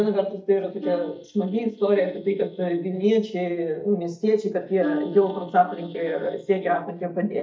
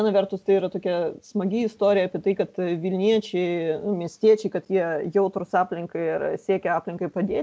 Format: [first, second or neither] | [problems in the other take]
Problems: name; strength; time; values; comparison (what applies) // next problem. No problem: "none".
second | noise reduction (neural mask model DeepFilterNet 3)